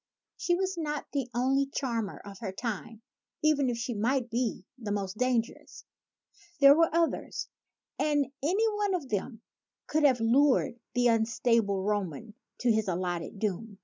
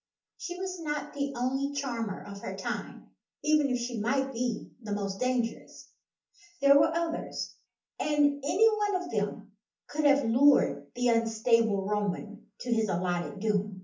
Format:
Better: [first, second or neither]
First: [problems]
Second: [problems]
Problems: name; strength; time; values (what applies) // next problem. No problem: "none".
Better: first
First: none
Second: room echo; dies away in 0.4 s